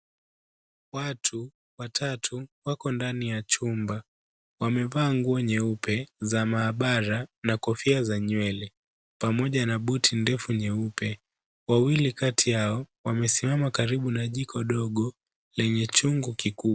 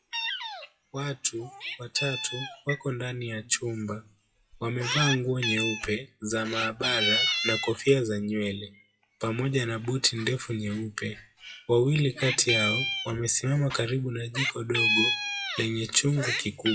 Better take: first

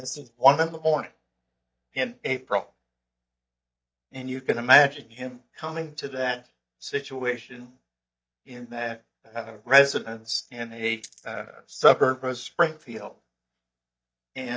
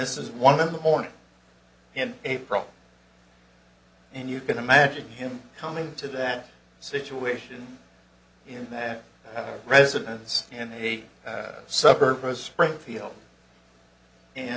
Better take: second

